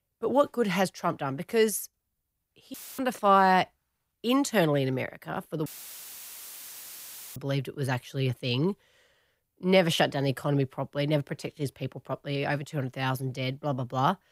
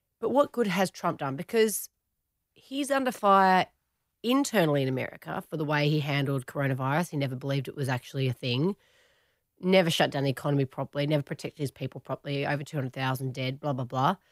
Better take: second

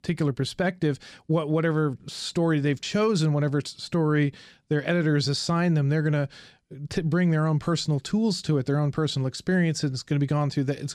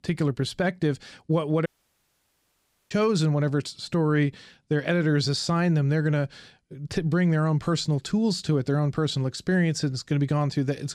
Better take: first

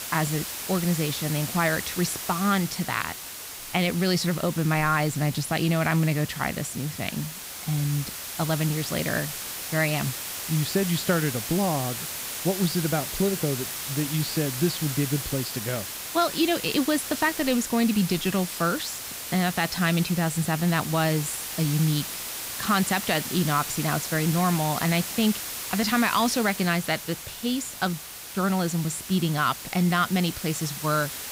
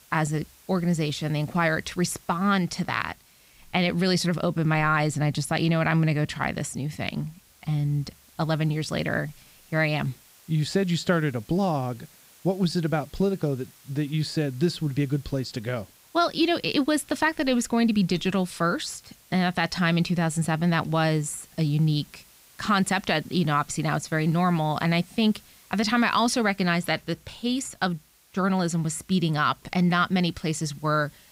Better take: second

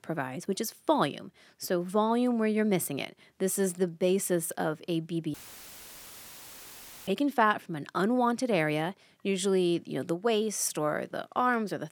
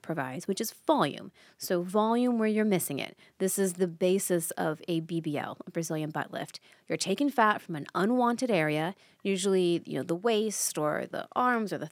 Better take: second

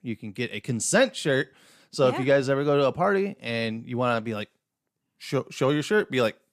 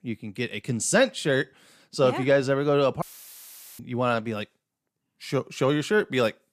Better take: first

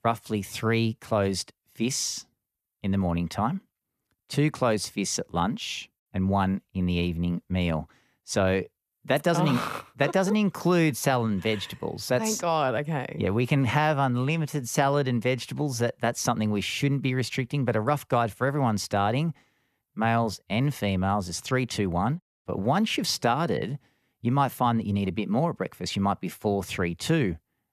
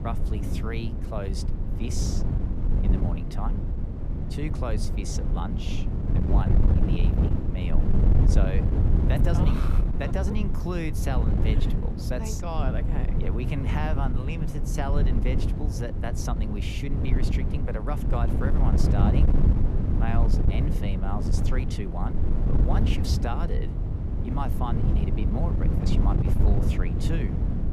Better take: first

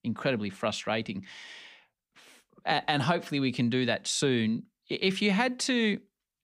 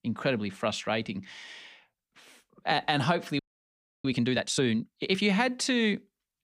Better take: first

